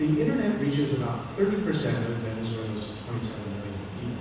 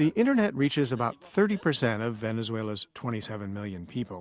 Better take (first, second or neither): second